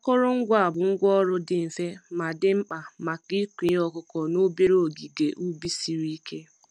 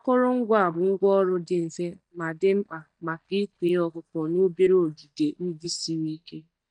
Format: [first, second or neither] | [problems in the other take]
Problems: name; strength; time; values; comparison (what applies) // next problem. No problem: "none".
first | noise reduction (neural mask model DeepFilterNet 3)